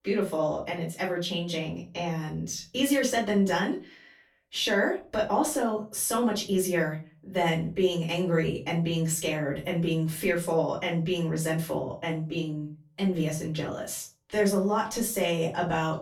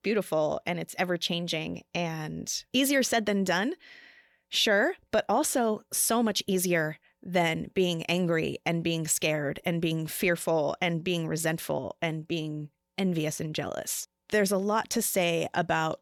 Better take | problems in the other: second | off-mic speech; far // room echo; slight; dies away in 0.3 s

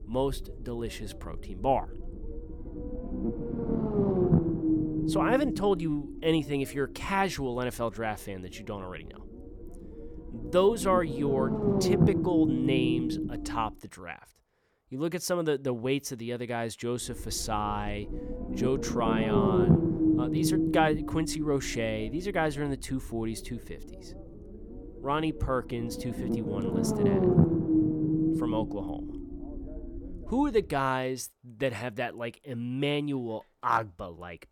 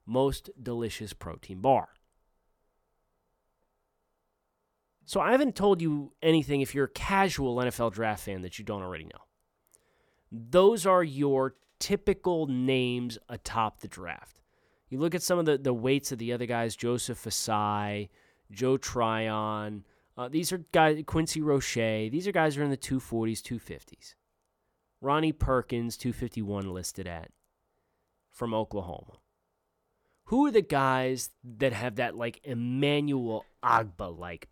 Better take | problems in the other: second | low rumble; loud; until 14 s and from 17 to 31 s; 2 dB below the speech

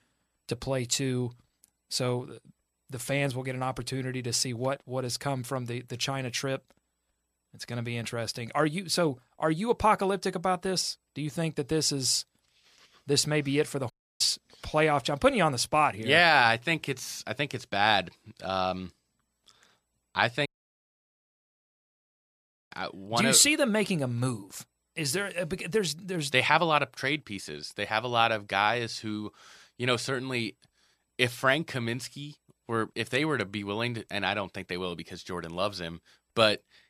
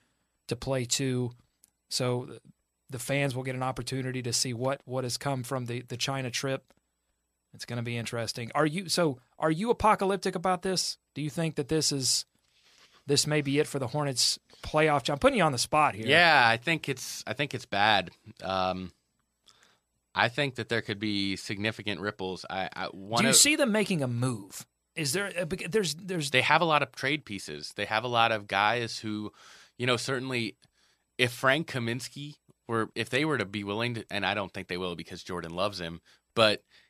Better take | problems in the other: second | audio cutting out; at 14 s and at 20 s for 2.5 s

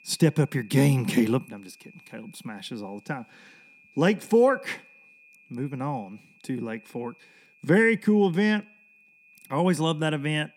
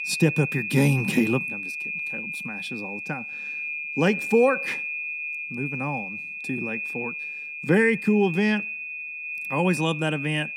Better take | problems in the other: first | high-pitched whine; loud; throughout; 2.5 kHz, 5 dB below the speech; faint in the first

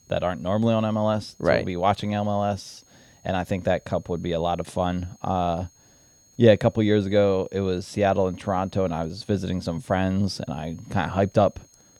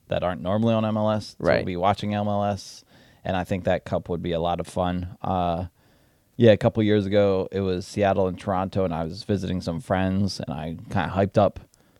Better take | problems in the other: second | high-pitched whine; faint; throughout; 6.5 kHz, 30 dB below the speech

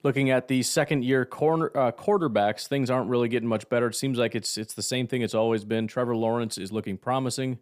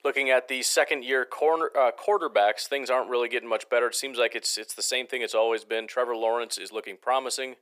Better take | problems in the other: first | thin; very; fading below 450 Hz

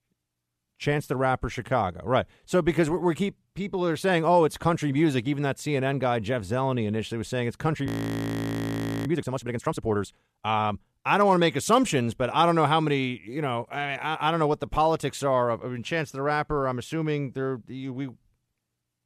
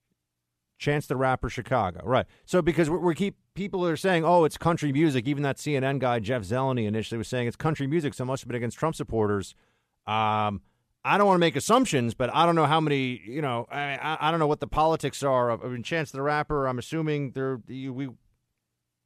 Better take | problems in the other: second | audio freezing; at 8 s for 1 s

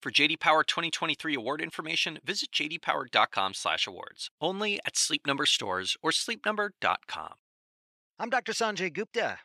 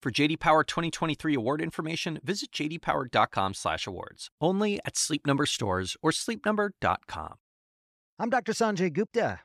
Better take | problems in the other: second | thin; very slightly; fading below 450 Hz

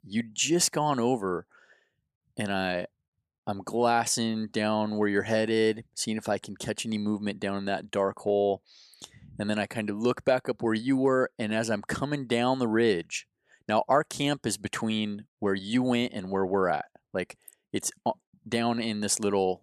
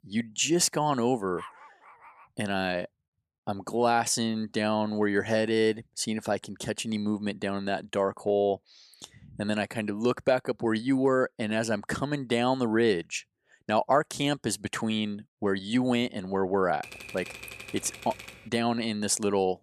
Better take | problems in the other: first | dog barking; faint; at 1.5 s; peak 15 dB below the speech // keyboard typing; faint; from 17 to 18 s; peak 10 dB below the speech

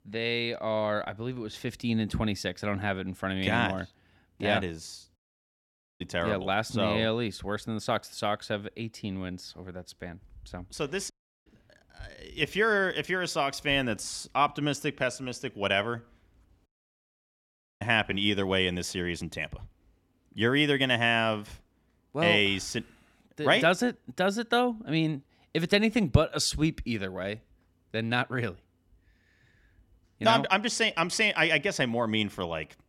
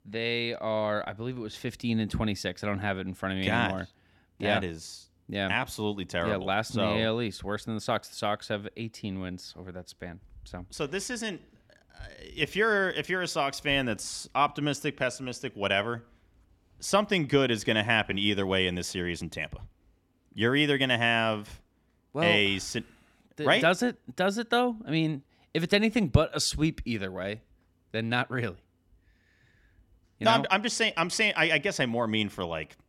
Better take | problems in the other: second | audio cutting out; at 5 s for 1 s, at 11 s and at 17 s for 1 s

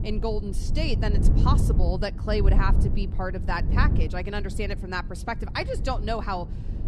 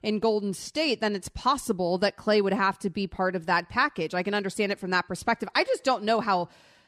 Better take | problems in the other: second | low rumble; loud; throughout; 10 dB below the speech

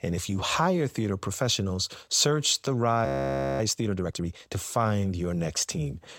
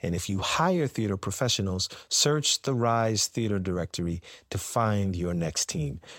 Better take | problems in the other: second | audio freezing; at 3 s for 0.5 s

